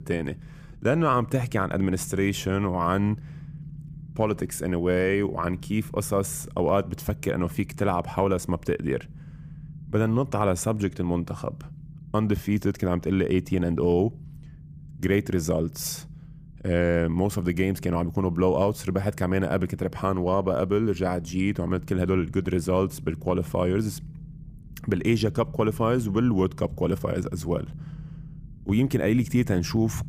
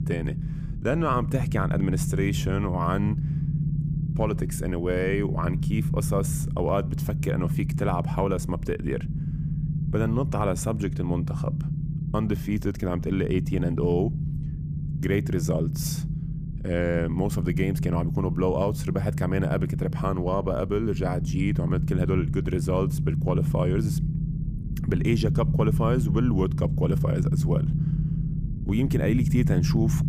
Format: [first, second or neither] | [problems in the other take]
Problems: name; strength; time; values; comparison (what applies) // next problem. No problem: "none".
first | low rumble; loud; throughout; 8 dB below the speech; faint in the first